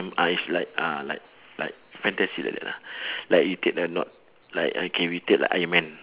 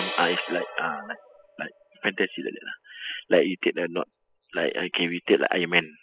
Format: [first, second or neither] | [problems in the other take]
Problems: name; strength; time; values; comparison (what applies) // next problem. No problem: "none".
first | noise reduction (classical method spectral subtraction)